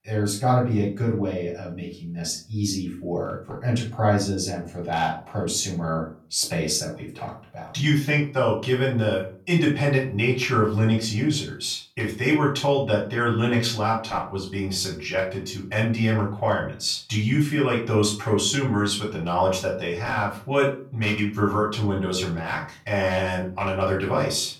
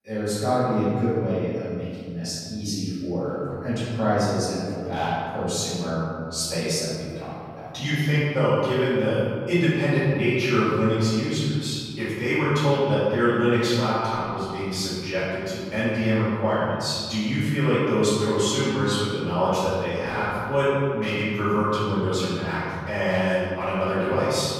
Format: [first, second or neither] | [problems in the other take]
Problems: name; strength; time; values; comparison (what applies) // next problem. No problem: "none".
first | room echo; strong; dies away in 2 s; slight in the first // off-mic speech; far; far in the first